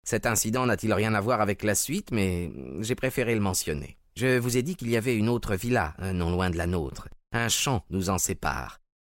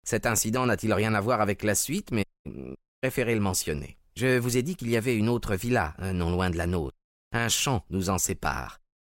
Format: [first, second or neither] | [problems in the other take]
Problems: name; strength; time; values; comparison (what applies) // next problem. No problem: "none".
first | audio cutting out; at 2 s, at 3 s and at 7 s